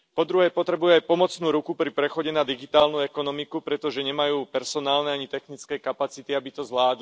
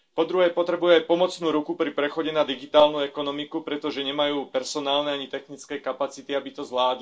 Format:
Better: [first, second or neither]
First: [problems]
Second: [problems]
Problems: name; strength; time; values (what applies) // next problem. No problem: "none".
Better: first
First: none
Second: room echo; dies away in 0.2 s